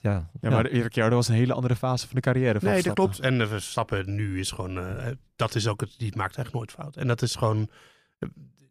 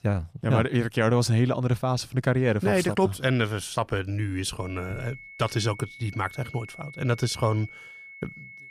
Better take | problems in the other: first | high-pitched whine; noticeable; from 4.5 s on; 2 kHz, 15 dB below the speech

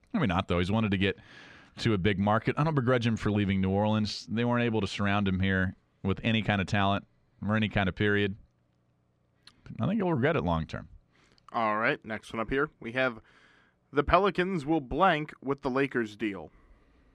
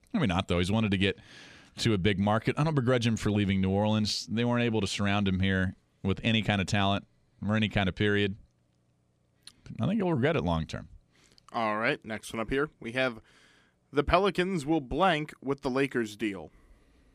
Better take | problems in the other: second | muffled; very slightly; fading above 1.5 kHz

